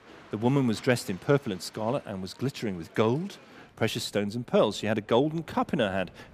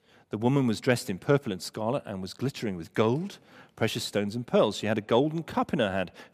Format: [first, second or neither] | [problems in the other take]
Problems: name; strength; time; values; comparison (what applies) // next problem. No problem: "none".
second | train or aircraft noise; faint; throughout; 25 dB below the speech